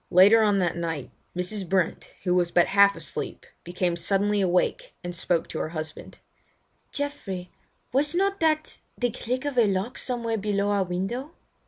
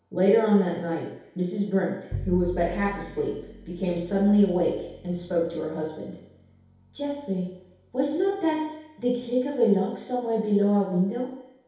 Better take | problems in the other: first | background sound (Bowed string instrument); 17 dB below the speech // room echo; dies away in 2.2 s

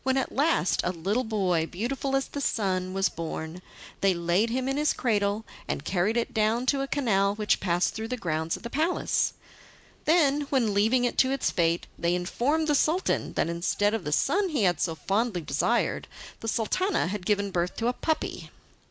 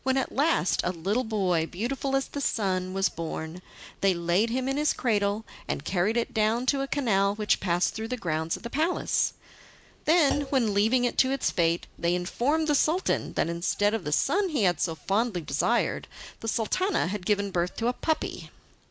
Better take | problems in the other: first | background sound (Thump, thud); 15 dB below the speech

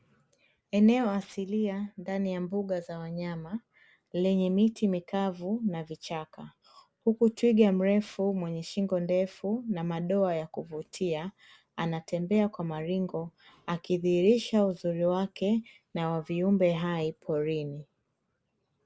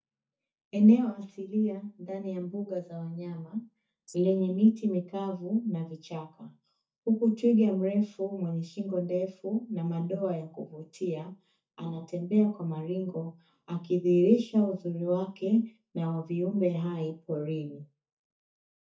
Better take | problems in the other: first | noise reduction (neural mask model DeepFilterNet 3)

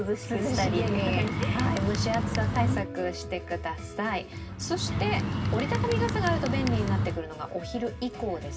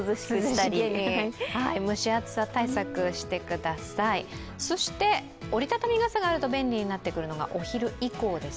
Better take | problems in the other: second | background sound (Bird); 2 dB above the speech // room echo; dies away in 0.4 s

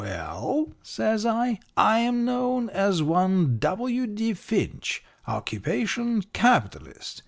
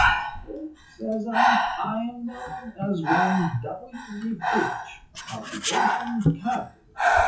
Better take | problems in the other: first | noise reduction (classical method WPE with log-MMSE)

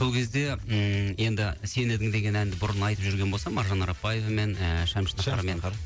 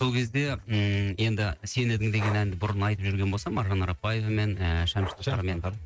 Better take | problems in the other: first | noise reduction (neural mask model RNNoise)

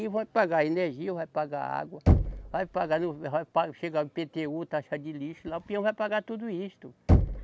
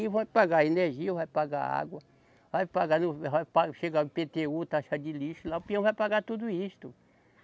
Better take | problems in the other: second | background sound (Knock); 1 dB below the speech

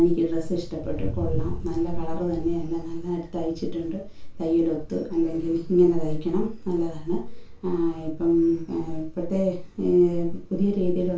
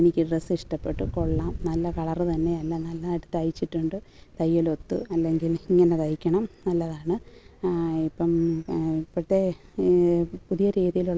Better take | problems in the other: second | room echo; dies away in 0.3 s

